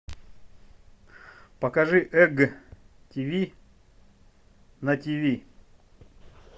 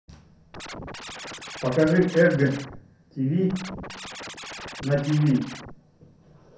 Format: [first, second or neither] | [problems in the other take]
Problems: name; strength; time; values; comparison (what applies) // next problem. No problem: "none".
first | background sound (Scratching (performance technique)); 13 dB below the speech // room echo; dies away in 0.5 s